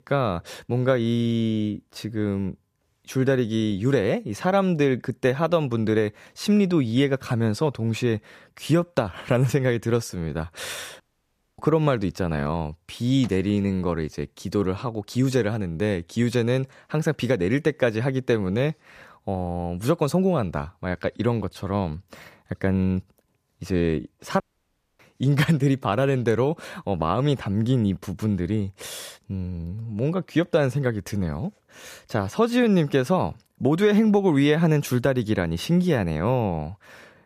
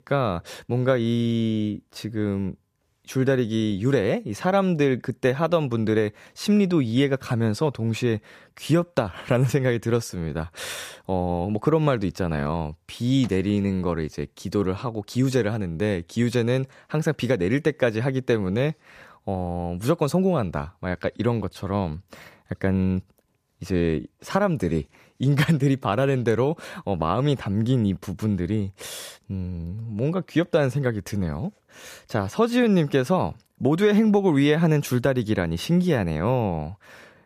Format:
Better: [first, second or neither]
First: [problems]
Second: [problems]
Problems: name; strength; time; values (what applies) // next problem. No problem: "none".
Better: second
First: audio cutting out; at 11 s for 0.5 s and at 24 s for 0.5 s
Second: none